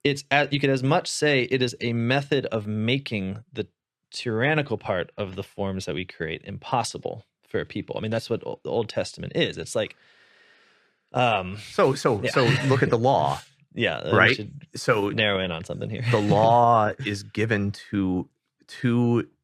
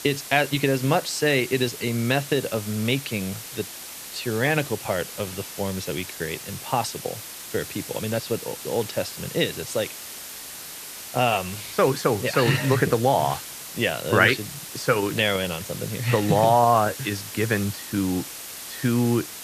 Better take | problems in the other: first | hiss; noticeable; throughout; 10 dB below the speech

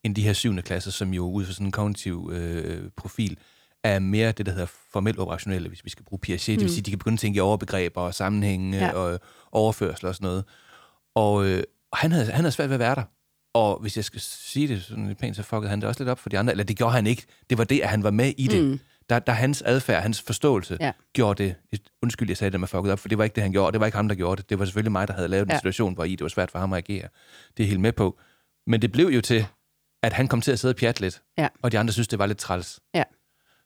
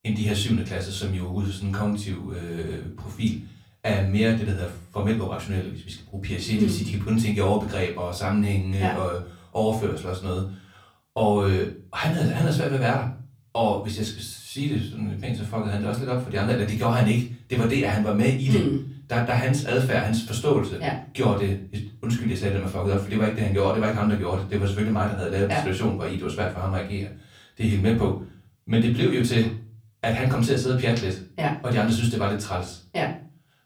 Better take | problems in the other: first | off-mic speech; far // room echo; slight; dies away in 0.3 s

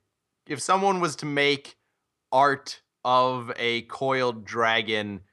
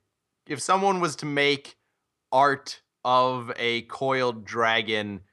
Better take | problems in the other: neither | none

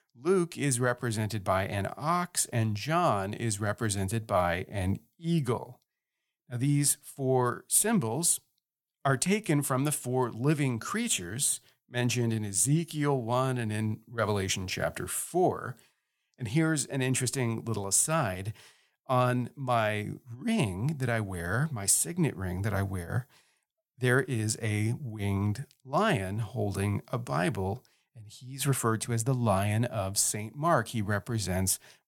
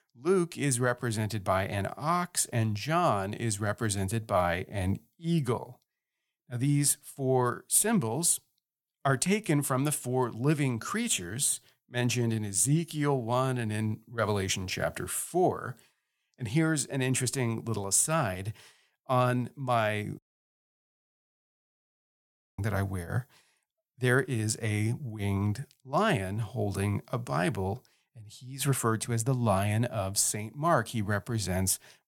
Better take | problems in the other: first | audio cutting out; at 20 s for 2.5 s

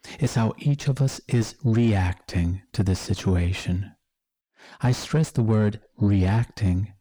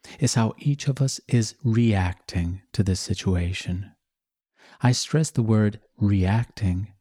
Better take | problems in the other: second | distortion; slight; 10 dB below the speech

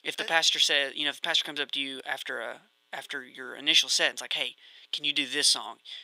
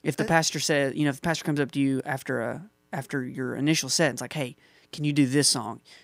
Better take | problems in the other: second | thin; very; fading below 550 Hz

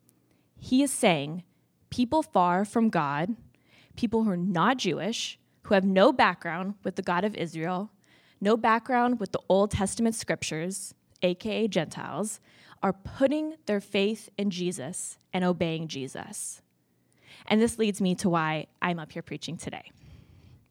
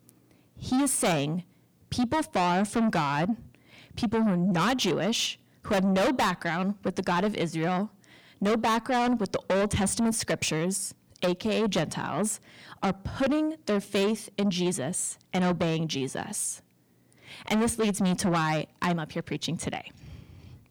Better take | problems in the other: first | distortion; heavy; 6 dB below the speech

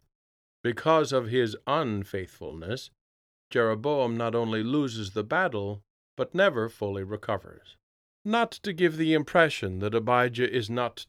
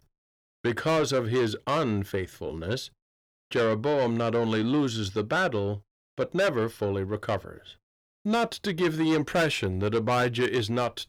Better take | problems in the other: first | distortion; heavy; 8 dB below the speech

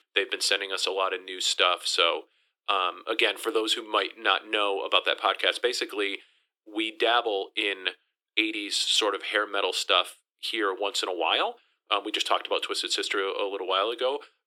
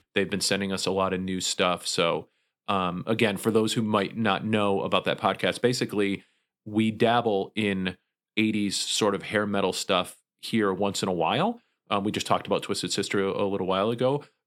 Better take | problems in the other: second | thin; very; fading below 350 Hz

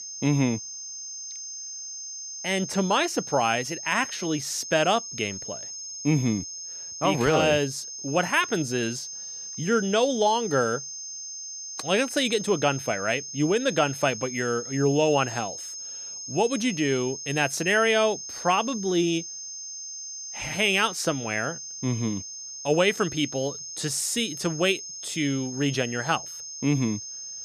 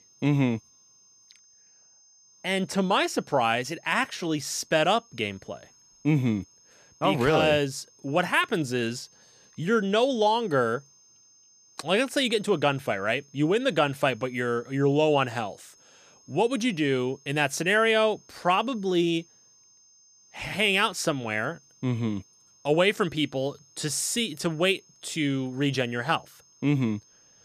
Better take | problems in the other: second | high-pitched whine; loud; throughout; 6.5 kHz, 9 dB below the speech; faint in the second

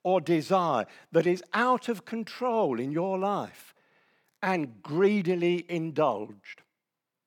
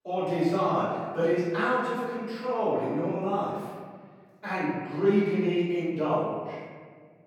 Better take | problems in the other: first | off-mic speech; far // room echo; strong; dies away in 1.6 s

